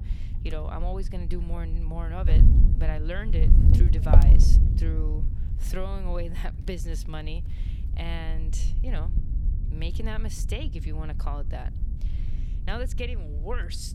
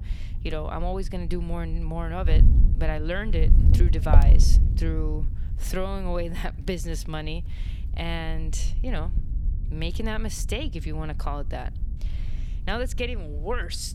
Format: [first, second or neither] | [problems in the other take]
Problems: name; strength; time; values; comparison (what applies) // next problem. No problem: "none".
second | wind noise on the microphone; heavy; 4 dB below the speech; occasional gusts in the second